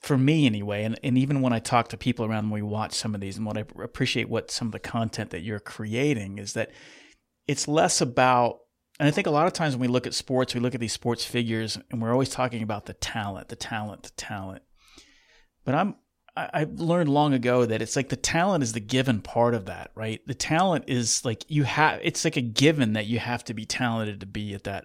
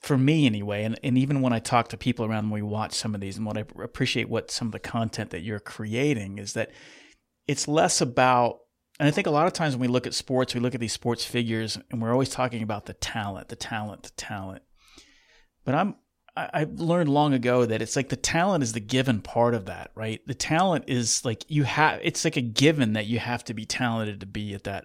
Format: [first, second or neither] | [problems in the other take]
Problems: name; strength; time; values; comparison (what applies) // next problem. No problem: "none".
neither | none